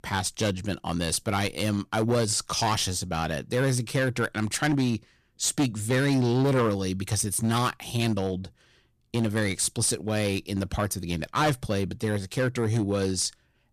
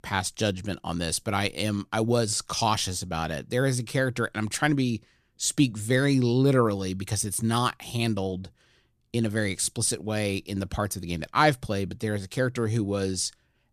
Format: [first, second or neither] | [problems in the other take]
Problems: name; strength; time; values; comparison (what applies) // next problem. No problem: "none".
second | distortion; slight; 7% of the sound clipped